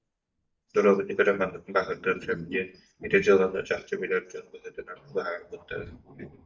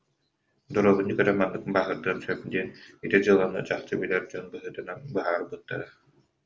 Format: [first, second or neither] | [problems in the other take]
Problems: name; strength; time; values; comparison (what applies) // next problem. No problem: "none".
second | noise reduction (neural mask model DeepFilterNet 3)